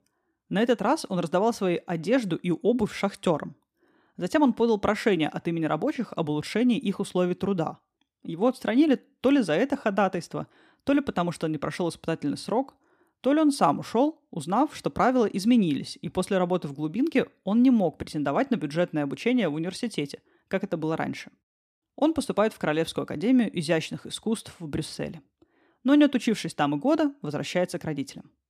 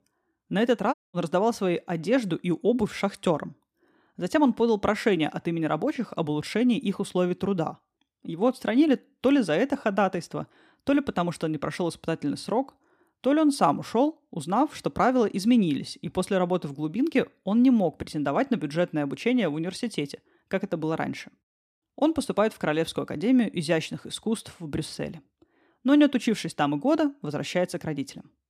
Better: first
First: none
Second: audio cutting out; at 1 s

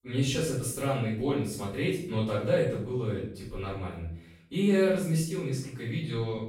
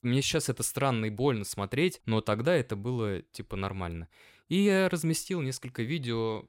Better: second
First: room echo; noticeable; dies away in 0.6 s // off-mic speech; far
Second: none

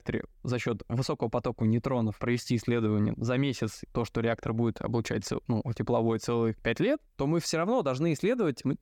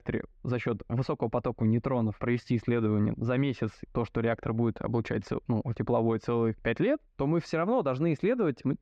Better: first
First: none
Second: muffled; slightly; fading above 2.5 kHz

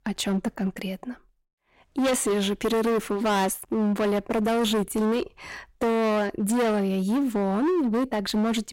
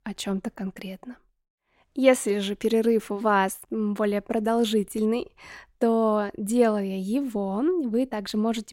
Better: second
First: distortion; heavy; 22% of the sound clipped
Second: none

